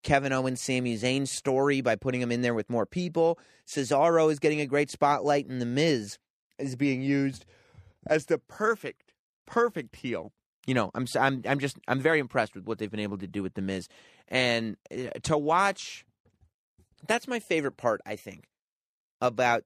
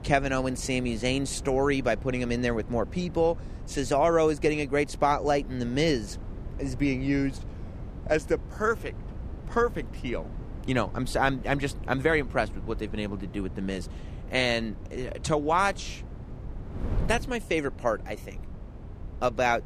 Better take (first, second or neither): first